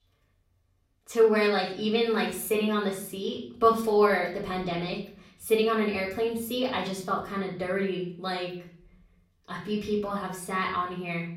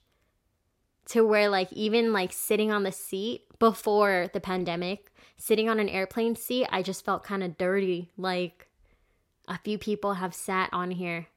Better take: second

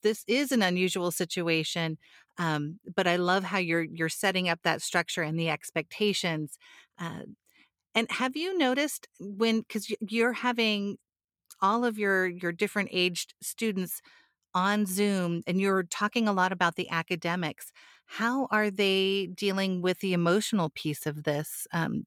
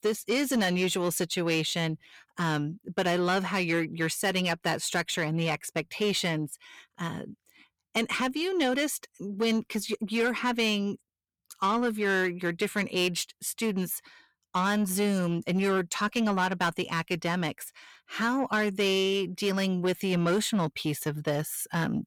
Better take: first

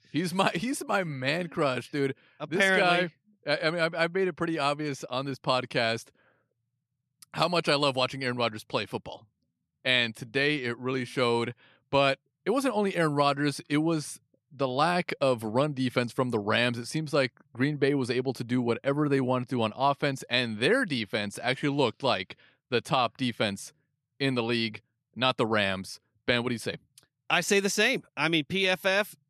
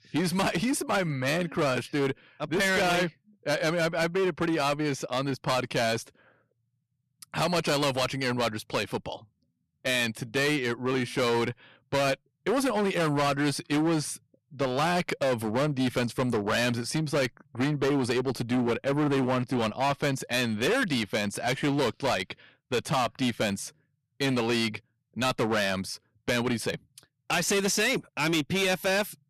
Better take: first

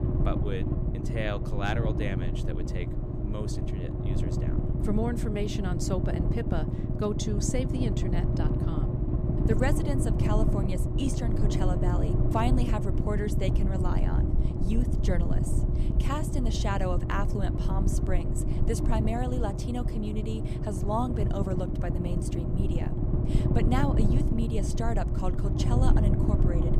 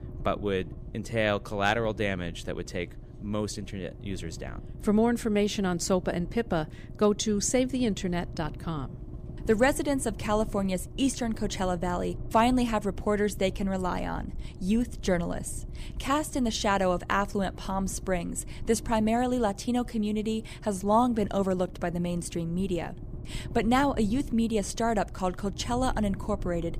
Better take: second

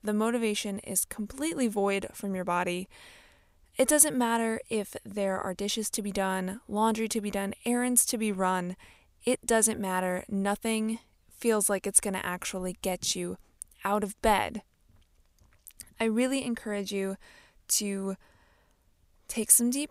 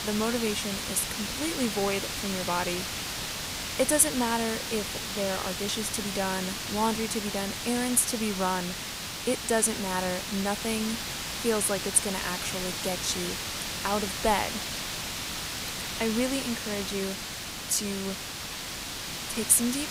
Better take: first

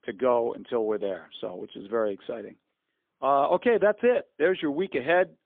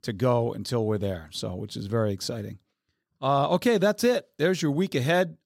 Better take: second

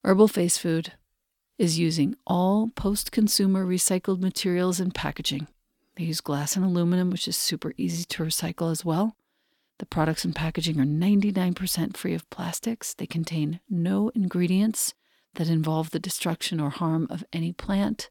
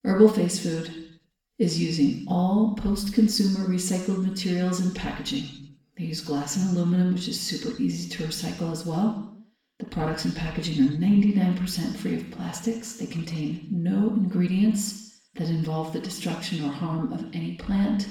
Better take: first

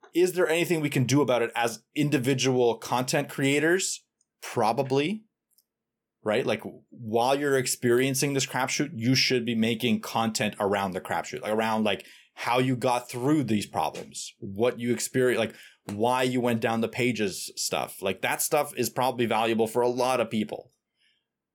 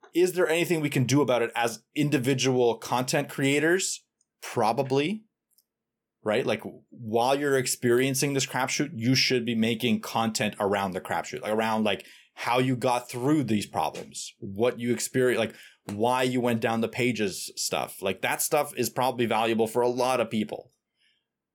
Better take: neither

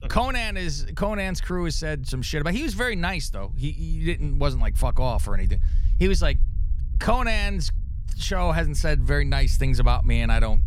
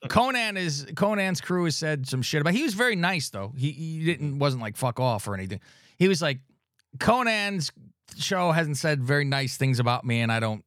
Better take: second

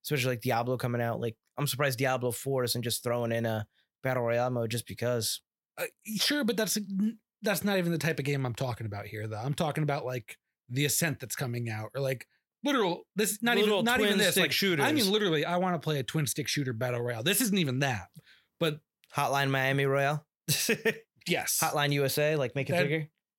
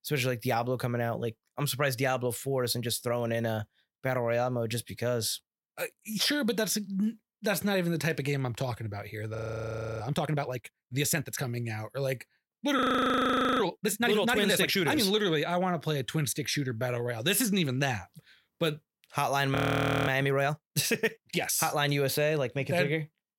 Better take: first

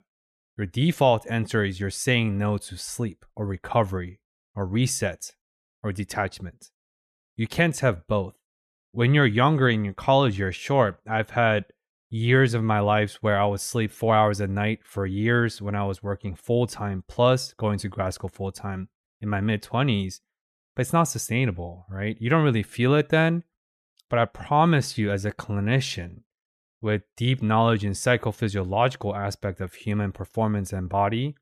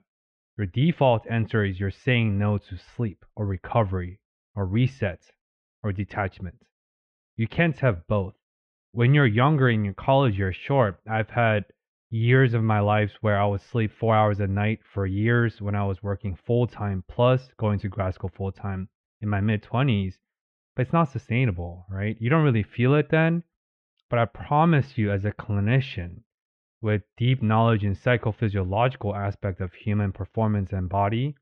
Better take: first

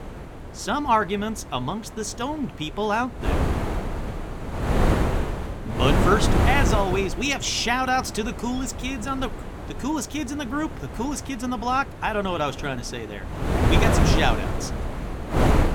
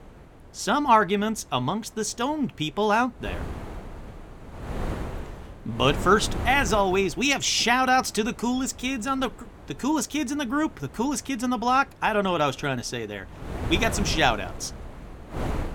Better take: second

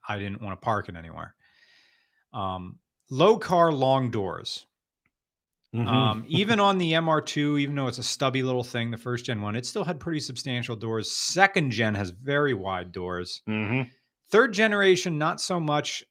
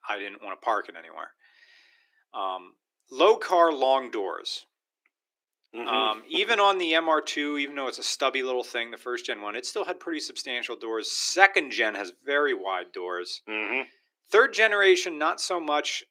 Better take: first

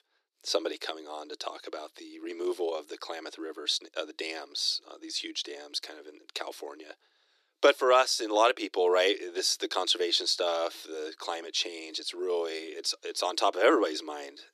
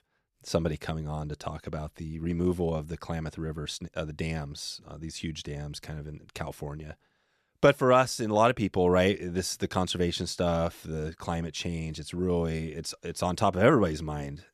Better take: second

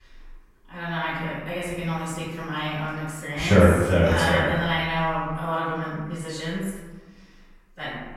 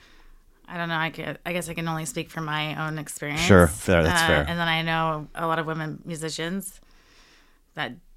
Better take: second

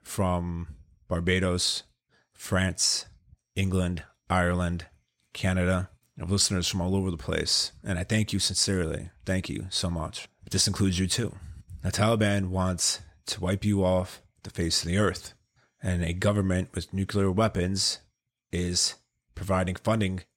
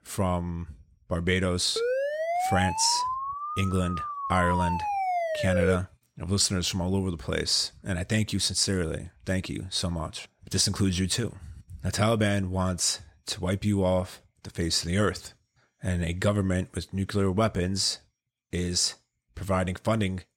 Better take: first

